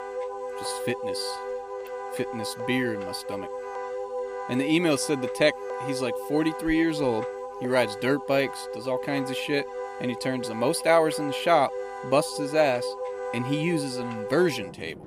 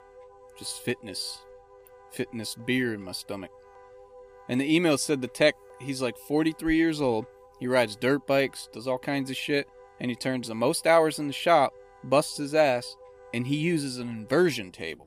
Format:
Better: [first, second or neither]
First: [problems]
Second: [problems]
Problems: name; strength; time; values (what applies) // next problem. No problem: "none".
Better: second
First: background music; loud; throughout; 7 dB below the speech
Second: background music; faint; throughout; 25 dB below the speech